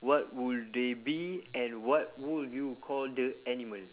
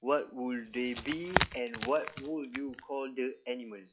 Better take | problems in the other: first | noise reduction (classical method log-MMSE)

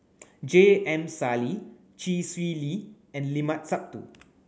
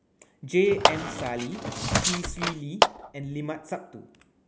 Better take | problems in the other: first | background sound (Squeak + Clapping); 3 dB above the speech

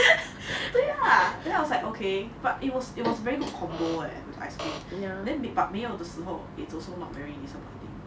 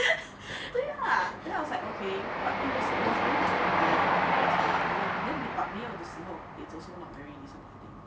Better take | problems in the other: first | background sound (Train); 4 dB above the speech

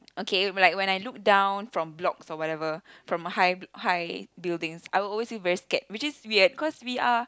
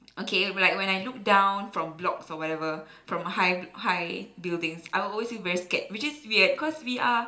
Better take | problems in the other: first | room echo; dies away in 0.5 s

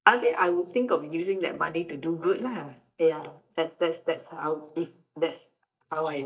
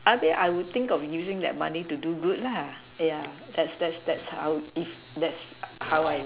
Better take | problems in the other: second | noise reduction (neural mask model DeepFilterNet 3)

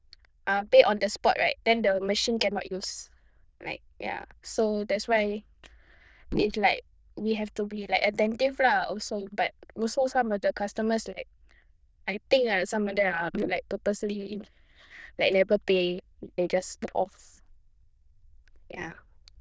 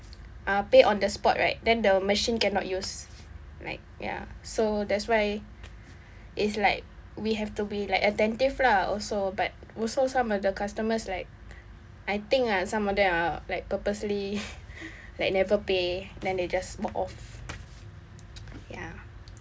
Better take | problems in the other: second | noise reduction (neural diffusion model UNIVERSE++)

